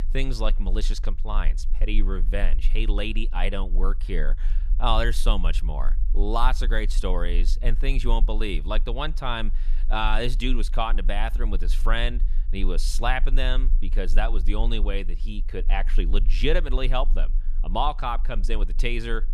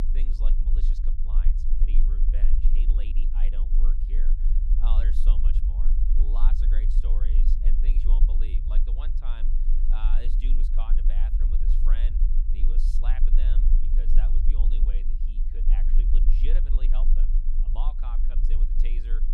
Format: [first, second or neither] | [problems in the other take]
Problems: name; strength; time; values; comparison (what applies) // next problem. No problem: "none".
first | low rumble; loud; throughout; 4 dB below the speech; faint in the first